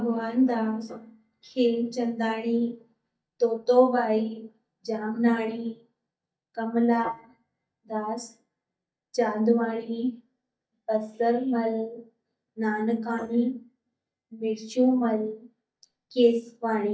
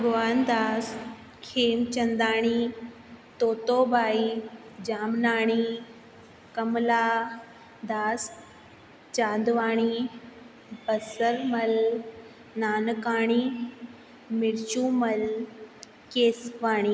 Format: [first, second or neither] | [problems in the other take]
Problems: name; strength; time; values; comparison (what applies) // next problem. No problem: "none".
second | noise reduction (neural mask model DeepFilterNet 3)